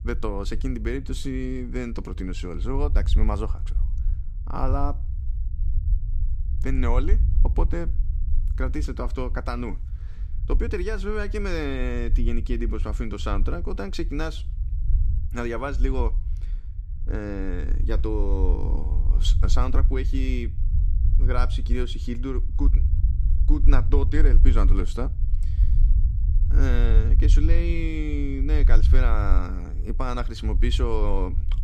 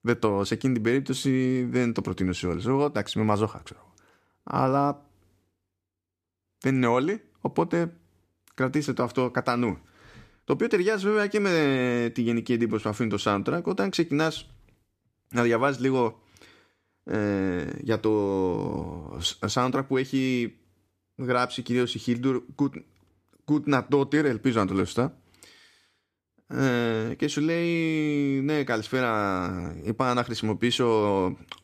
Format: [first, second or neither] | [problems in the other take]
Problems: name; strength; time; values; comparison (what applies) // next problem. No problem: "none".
second | low rumble; noticeable; throughout; 15 dB below the speech